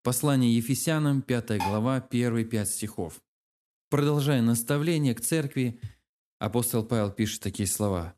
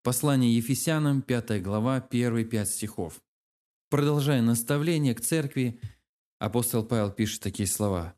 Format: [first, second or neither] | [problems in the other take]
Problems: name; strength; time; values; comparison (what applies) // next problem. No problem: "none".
second | clattering dishes; noticeable; at 1.5 s; peak 7 dB below the speech